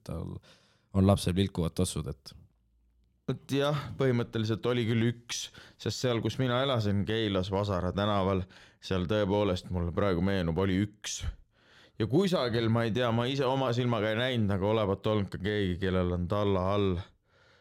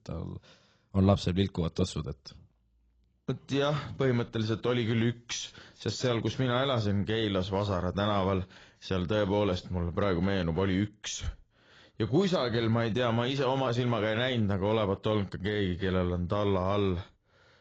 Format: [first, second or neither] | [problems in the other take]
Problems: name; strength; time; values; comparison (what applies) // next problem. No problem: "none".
first | garbled, watery; badly